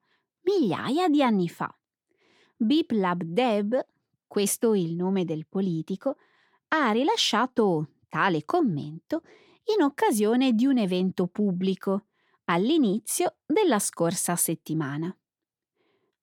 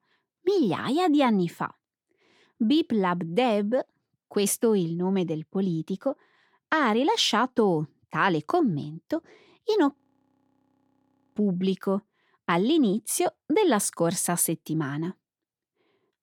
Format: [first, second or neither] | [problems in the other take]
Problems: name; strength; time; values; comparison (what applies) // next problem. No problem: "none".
first | audio freezing; at 10 s for 1.5 s